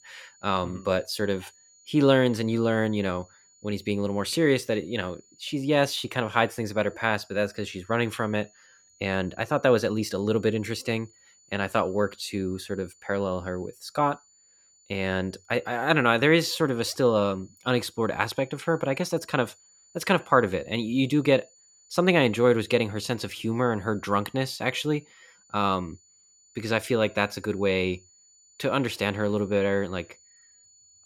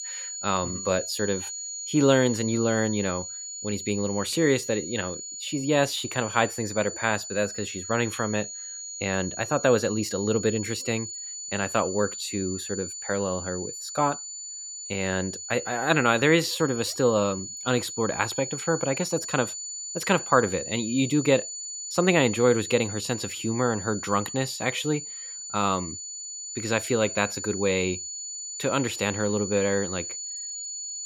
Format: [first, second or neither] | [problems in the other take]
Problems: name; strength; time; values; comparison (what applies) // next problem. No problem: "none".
first | high-pitched whine; loud; throughout; 7 kHz, 7 dB below the speech; faint in the first